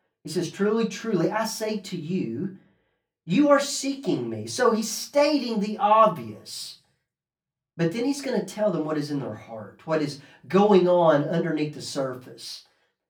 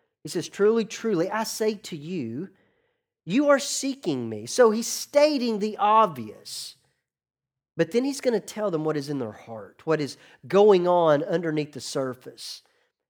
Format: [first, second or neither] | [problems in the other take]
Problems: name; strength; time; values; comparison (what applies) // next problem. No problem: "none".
second | off-mic speech; far // room echo; very slight; dies away in 0.2 s